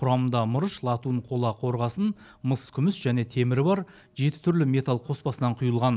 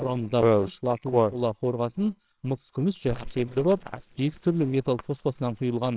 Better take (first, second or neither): first